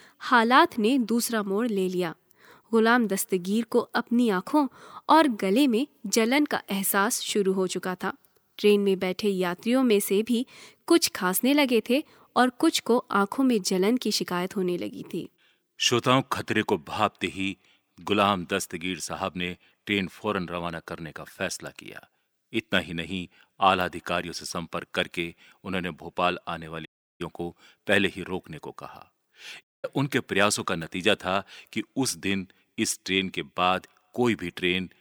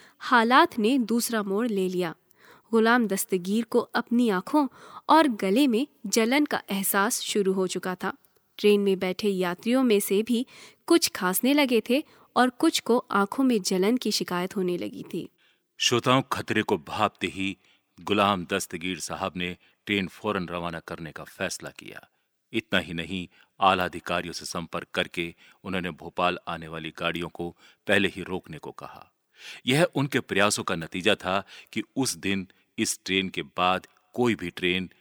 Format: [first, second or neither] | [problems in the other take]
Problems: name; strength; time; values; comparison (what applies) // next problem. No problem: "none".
second | audio cutting out; at 27 s and at 30 s